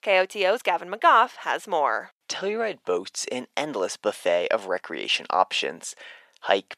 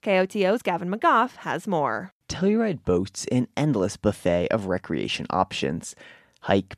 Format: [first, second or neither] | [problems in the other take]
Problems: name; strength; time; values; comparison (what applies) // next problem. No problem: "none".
second | thin; very; fading below 600 Hz